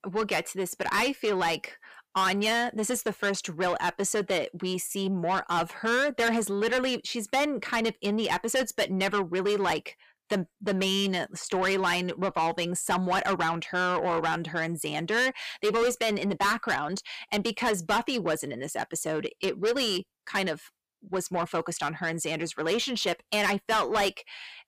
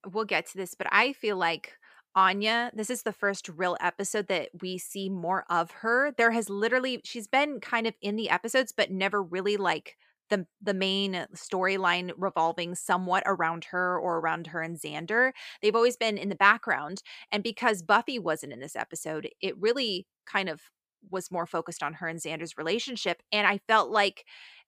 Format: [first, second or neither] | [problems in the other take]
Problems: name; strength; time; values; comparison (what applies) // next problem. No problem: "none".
second | distortion; heavy; 6 dB below the speech